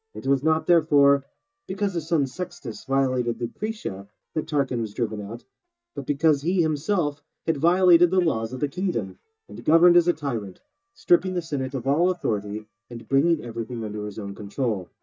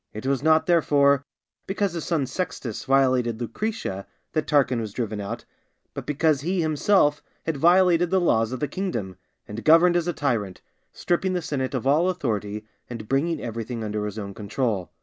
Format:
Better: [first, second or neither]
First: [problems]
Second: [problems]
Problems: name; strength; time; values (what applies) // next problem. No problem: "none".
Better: second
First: noise reduction (neural mask model DeepFilterNet 3)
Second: none